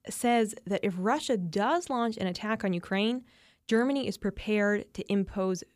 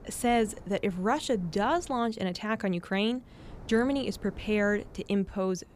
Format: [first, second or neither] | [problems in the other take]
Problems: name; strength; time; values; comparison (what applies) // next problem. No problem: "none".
first | wind noise on the microphone; occasional gusts; 25 dB below the speech